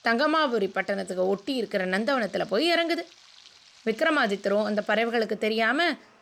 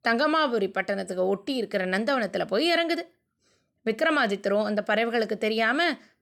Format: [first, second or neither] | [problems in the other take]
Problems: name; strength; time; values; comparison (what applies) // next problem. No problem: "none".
second | household noises; faint; throughout; 25 dB below the speech